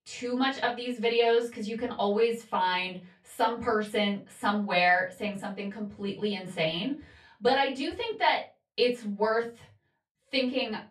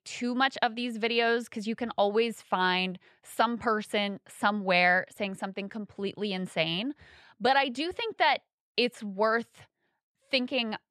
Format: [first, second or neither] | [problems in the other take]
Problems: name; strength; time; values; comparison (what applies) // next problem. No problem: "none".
second | off-mic speech; far // room echo; very slight; dies away in 0.3 s